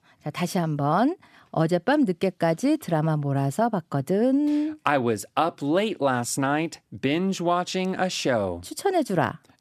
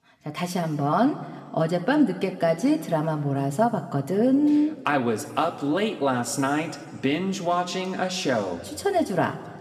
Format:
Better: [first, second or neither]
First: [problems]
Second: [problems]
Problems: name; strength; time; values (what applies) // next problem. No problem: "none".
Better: first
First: none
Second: room echo; slight; dies away in 1.4 s